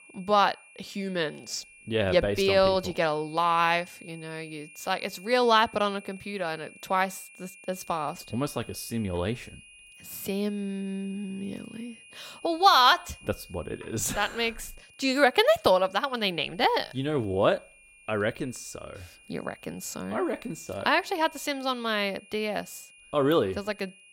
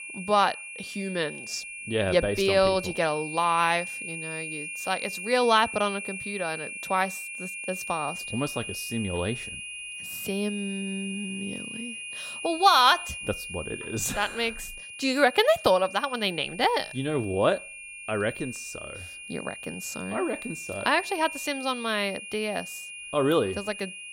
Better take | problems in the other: first | high-pitched whine; loud; throughout; 2.5 kHz, 9 dB below the speech; faint in the first

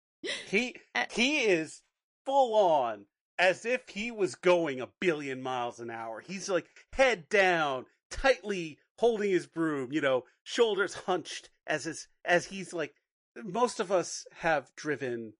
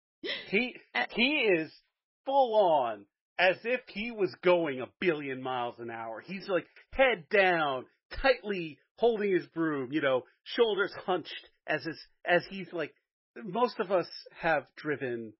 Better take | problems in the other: first | garbled, watery; badly; nothing above 5.5 kHz; slightly in the first

